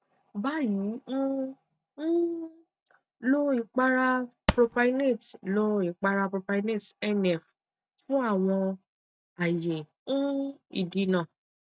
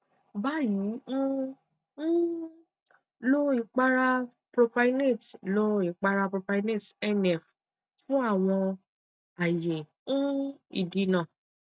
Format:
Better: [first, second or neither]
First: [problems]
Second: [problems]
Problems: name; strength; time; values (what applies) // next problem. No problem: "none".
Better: second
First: background sound (Tap); as loud as the speech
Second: none